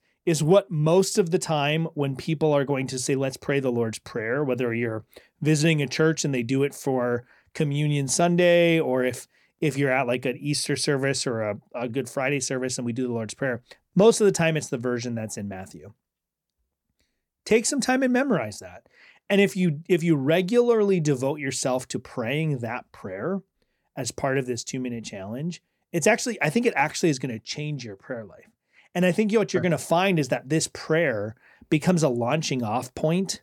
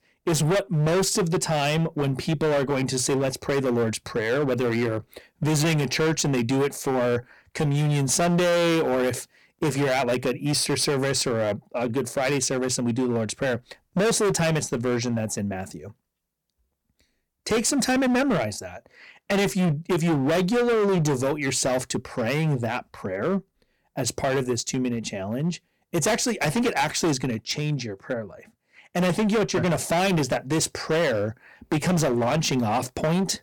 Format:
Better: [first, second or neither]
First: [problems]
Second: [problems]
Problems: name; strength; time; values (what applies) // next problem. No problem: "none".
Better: first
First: none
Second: distortion; heavy; 18% of the sound clipped